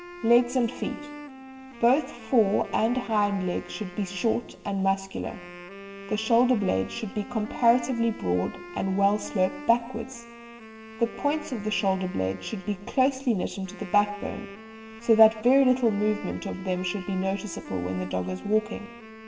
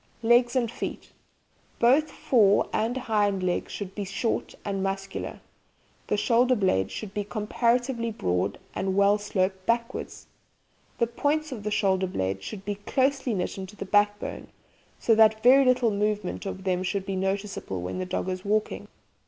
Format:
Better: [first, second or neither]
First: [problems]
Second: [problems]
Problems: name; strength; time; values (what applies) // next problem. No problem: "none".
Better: second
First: background sound (Wind instrument, woodwind instrument); 16 dB below the speech // room echo; dies away in 1.7 s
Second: none